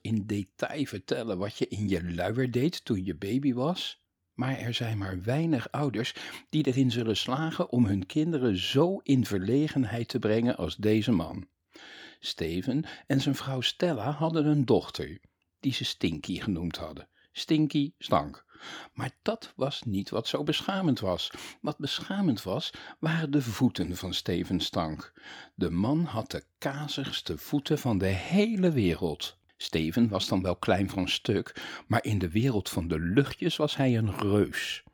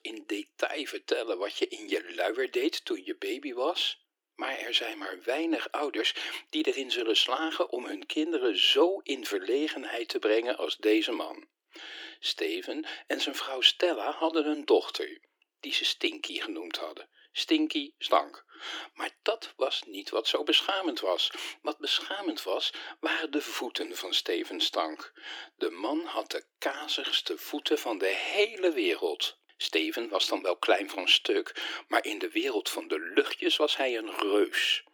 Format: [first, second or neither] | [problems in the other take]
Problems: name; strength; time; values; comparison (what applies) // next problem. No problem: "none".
first | thin; very; fading below 300 Hz